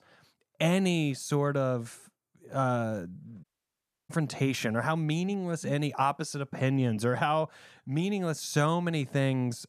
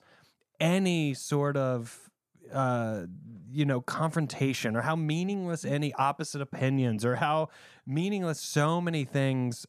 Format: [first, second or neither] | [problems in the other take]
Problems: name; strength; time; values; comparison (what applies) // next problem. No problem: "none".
second | audio cutting out; at 3.5 s for 0.5 s